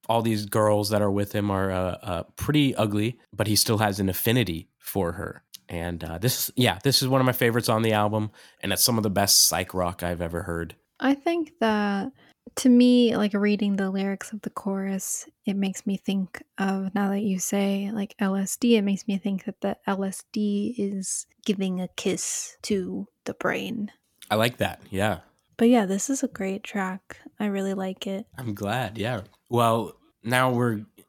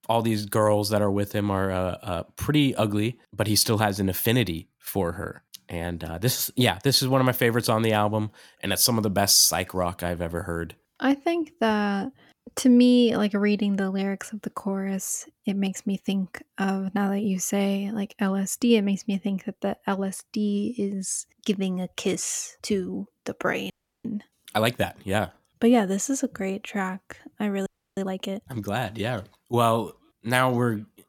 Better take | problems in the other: first | audio freezing; at 24 s and at 28 s

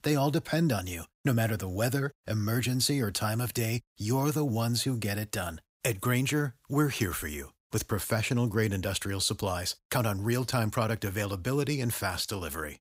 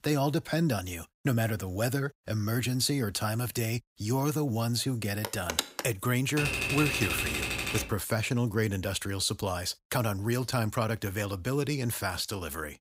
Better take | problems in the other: first | phone ringing; noticeable; at 5 s; peak 1 dB below the speech // keyboard typing; loud; from 6.5 to 8 s; peak 2 dB above the speech

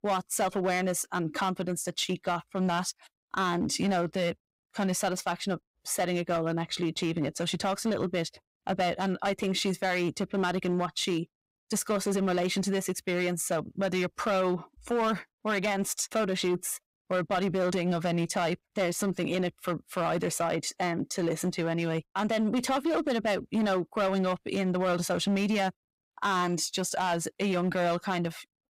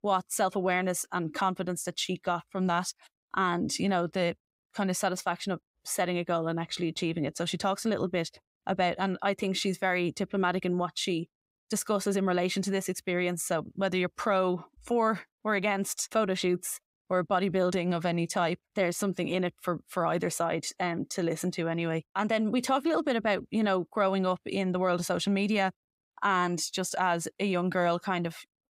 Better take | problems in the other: second | distortion; slight; 9% of the sound clipped

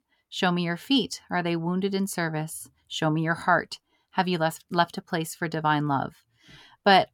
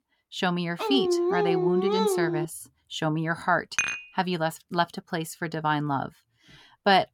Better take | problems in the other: first | dog barking; loud; from 1 to 2.5 s; peak 4 dB above the speech // clattering dishes; loud; at 4 s; peak 1 dB above the speech

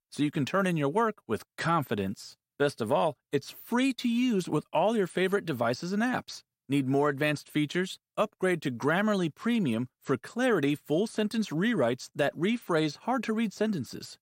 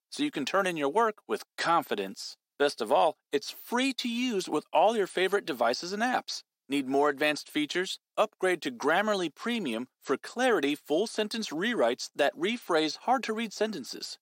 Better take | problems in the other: first | thin; very slightly; fading below 300 Hz

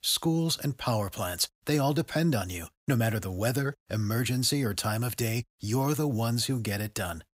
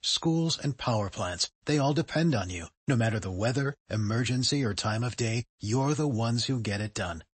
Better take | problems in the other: first | garbled, watery; slightly; nothing above 8 kHz

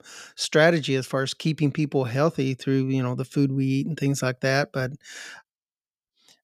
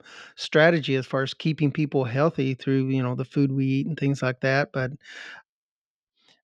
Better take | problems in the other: first | muffled; very slightly; fading above 3 kHz

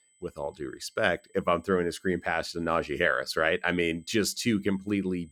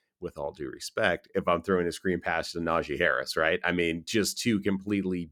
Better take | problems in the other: second | high-pitched whine; faint; throughout; 8 kHz, 35 dB below the speech

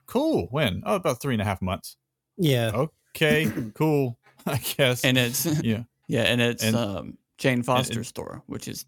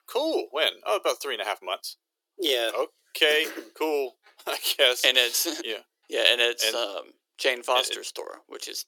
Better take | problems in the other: first | thin; very; fading below 350 Hz

